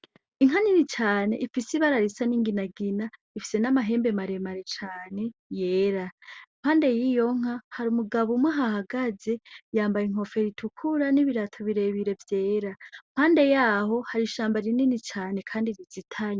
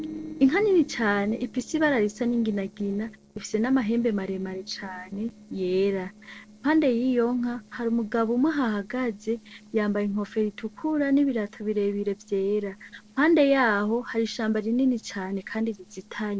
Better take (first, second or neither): first